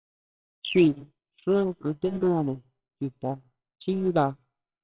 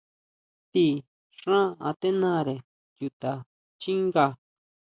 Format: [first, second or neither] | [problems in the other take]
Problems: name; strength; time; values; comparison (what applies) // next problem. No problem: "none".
second | noise reduction (neural separator model SepFormer WHAMR!)